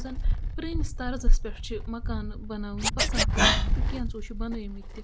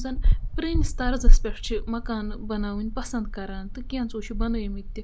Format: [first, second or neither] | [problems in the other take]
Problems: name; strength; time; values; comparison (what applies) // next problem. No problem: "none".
second | background sound (Wind + Scratching (performance technique)); 1 dB below the speech